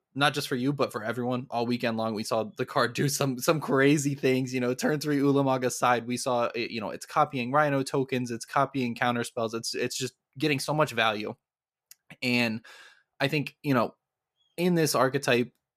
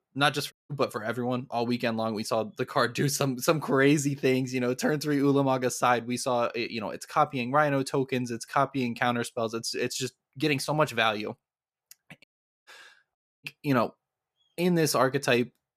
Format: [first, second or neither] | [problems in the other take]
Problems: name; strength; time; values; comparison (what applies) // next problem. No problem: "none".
first | audio cutting out; at 0.5 s, at 12 s and at 13 s